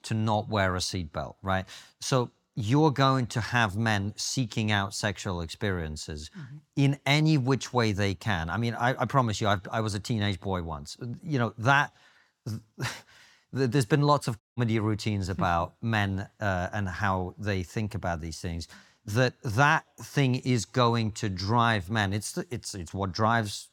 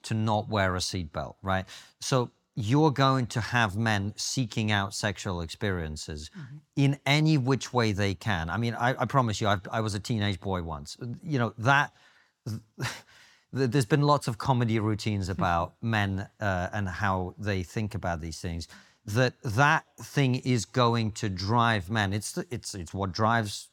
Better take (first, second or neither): second